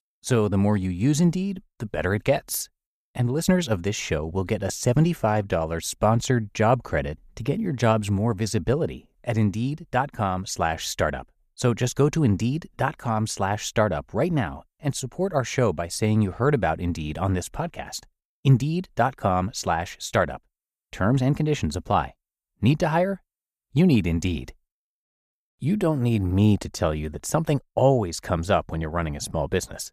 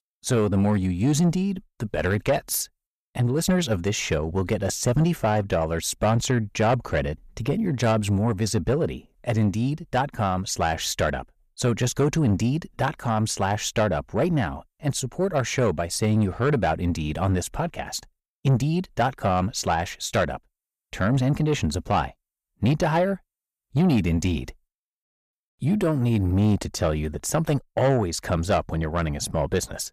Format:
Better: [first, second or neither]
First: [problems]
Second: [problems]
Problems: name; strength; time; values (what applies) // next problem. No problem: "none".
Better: first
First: none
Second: distortion; slight; 10 dB below the speech